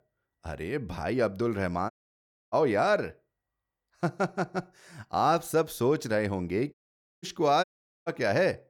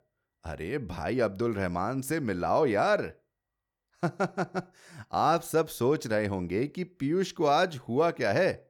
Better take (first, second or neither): second